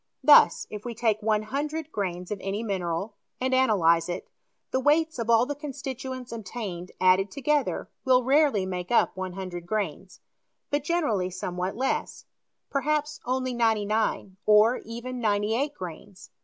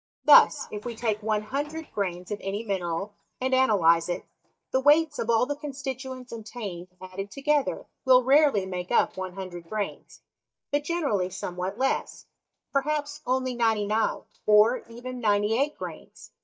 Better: first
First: none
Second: noise reduction (neural mask model DeepFilterNet 3)

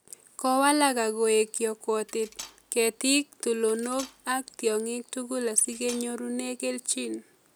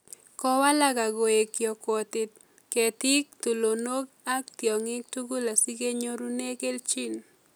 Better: second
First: background sound (Cutlery, silverware); 20 dB below the speech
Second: none

